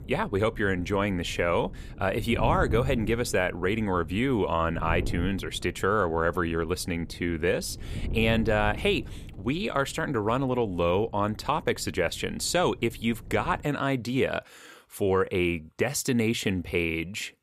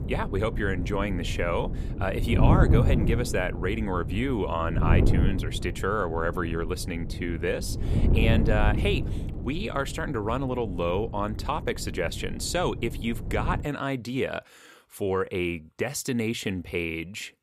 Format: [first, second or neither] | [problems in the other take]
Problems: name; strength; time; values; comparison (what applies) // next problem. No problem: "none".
first | wind noise on the microphone; heavy; until 14 s; 9 dB below the speech; occasional gusts in the first